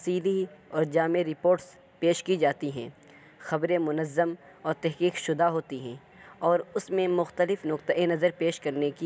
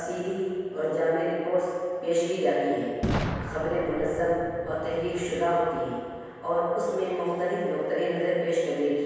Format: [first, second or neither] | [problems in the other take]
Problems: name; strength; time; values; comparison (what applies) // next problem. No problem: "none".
first | background sound (Boom); 11 dB below the speech // room echo; dies away in 1.9 s